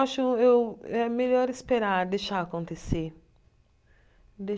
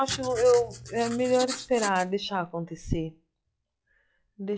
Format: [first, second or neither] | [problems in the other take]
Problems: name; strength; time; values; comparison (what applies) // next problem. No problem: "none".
first | noise reduction (classical method log-MMSE)